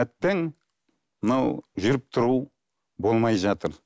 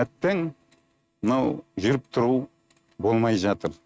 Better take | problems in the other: first | noise reduction (neural mask model RNNoise)

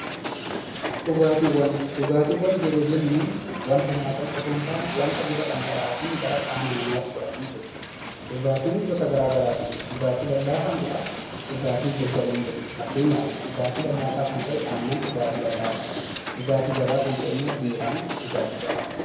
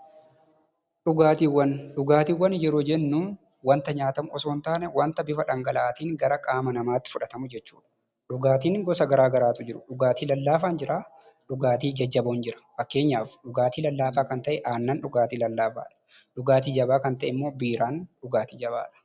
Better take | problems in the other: second | background sound (Hiss); 7 dB below the speech // room echo; dies away in 1 s

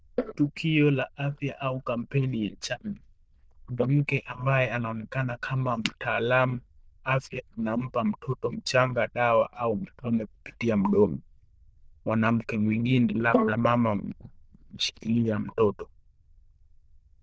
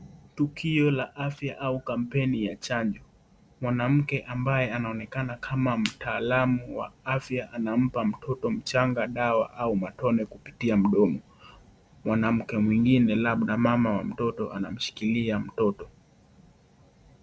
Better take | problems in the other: second | noise reduction (neural diffusion model UNIVERSE++)

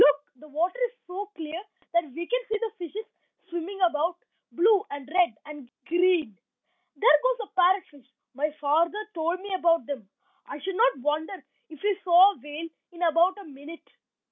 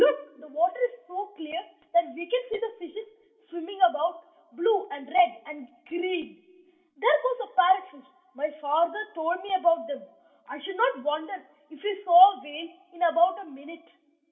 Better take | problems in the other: first | room echo; dies away in 0.7 s

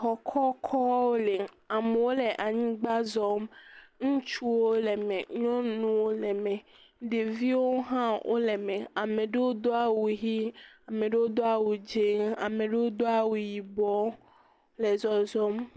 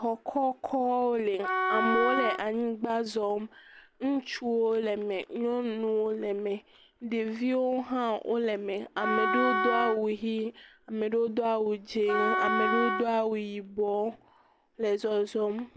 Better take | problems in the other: first | background sound (Wind instrument, woodwind instrument); 1 dB below the speech

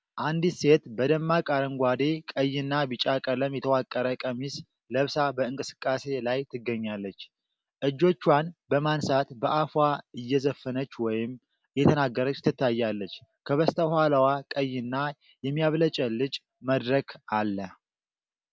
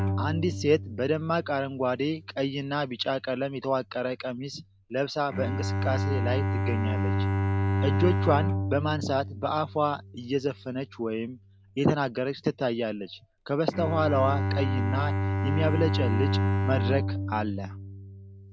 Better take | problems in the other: first | background sound (Bowed string instrument); as loud as the speech

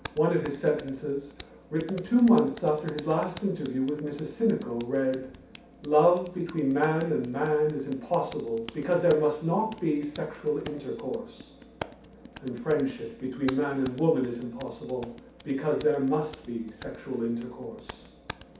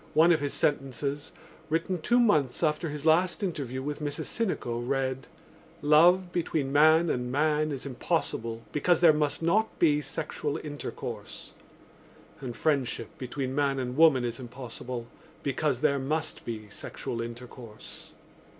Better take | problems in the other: second | background sound (Hands); 20 dB below the speech // room echo; dies away in 0.6 s

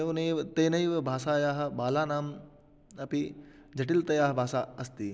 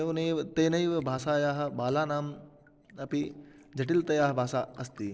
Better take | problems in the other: first | noise reduction (neural separator model SepFormer DNS4)

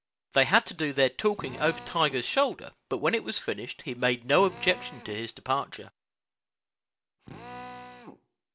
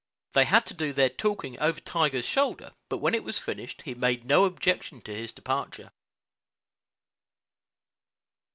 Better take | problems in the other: second | background sound (Drill); 19 dB below the speech

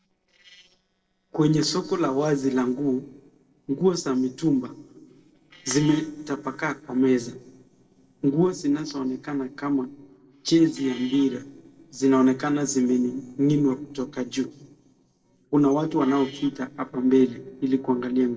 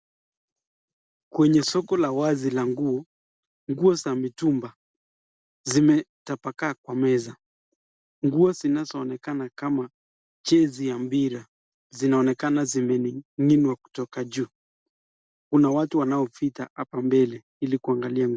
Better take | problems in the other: second | noise reduction (neural separator model SepFormer DNS4)

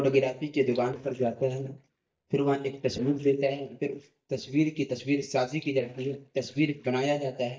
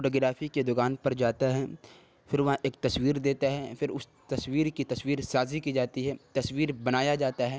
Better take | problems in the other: second | noise reduction (neural mask model DeepFilterNet 3)

